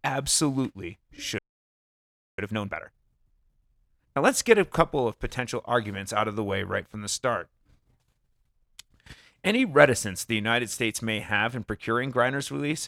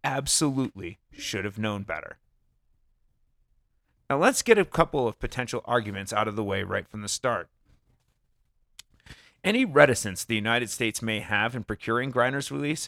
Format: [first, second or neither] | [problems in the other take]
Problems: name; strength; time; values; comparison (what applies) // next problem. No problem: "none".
second | audio freezing; at 1.5 s for 1 s